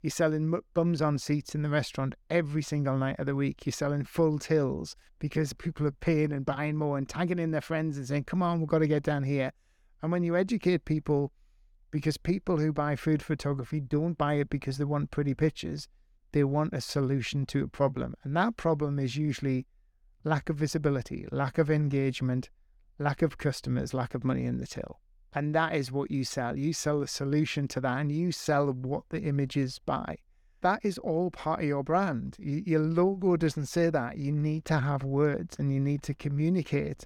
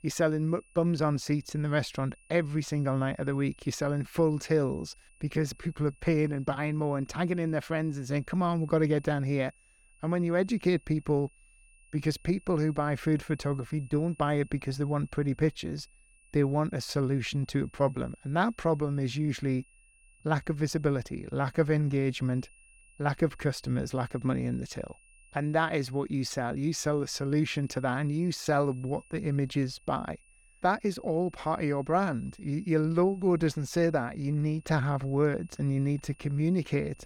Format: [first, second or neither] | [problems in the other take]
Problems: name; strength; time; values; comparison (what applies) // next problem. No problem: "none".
first | high-pitched whine; faint; throughout; 2.5 kHz, 30 dB below the speech